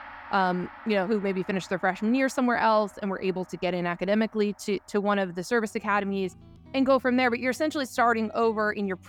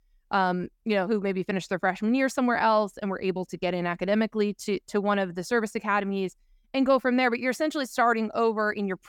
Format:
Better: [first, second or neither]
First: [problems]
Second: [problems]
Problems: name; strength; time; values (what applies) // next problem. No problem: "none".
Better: second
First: background music; faint; throughout; 25 dB below the speech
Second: none